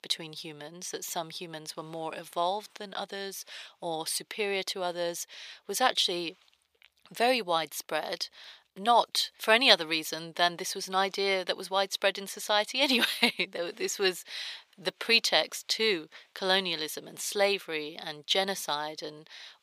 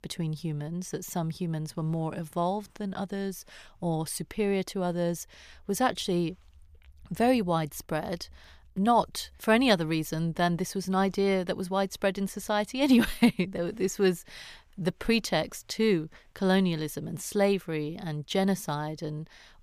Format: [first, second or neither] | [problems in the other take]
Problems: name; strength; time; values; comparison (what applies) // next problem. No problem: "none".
second | thin; somewhat; fading below 500 Hz